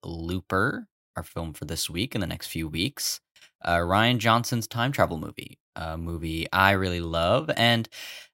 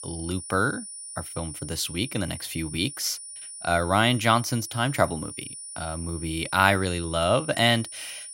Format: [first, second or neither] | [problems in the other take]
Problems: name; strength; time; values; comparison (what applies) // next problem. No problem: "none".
first | high-pitched whine; noticeable; throughout; 9.5 kHz, 10 dB below the speech